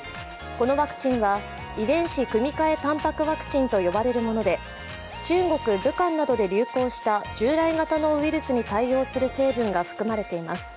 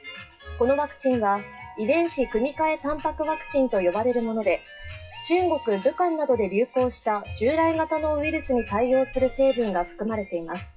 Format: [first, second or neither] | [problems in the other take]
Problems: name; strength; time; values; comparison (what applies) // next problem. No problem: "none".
first | noise reduction (classical method WPE with log-MMSE)